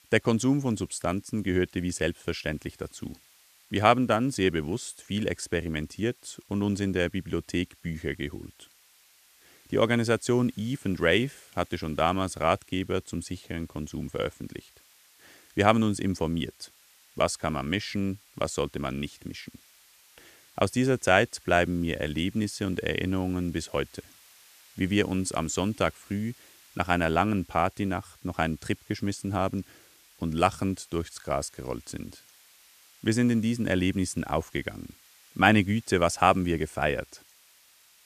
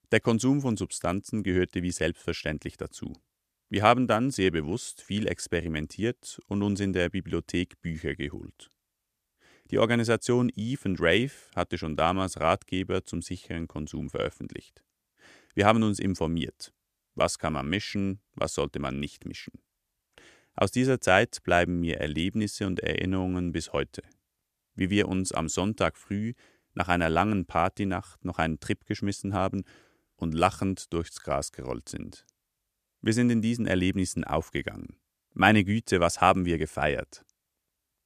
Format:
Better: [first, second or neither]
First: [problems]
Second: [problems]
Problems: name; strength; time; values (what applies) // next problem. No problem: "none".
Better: second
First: hiss; faint; throughout; 25 dB below the speech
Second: none